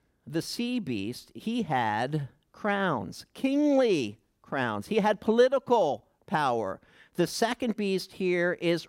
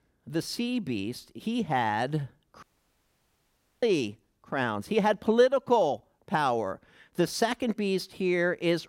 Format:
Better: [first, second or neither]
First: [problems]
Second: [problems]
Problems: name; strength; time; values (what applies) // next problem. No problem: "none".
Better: first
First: none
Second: audio cutting out; at 2.5 s for 1 s